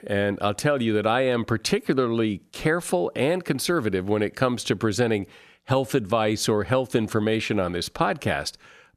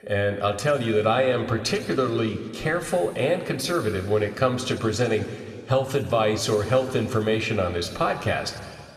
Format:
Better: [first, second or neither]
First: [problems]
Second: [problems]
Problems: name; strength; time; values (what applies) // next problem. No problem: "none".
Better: first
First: none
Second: room echo; slight; dies away in 2 s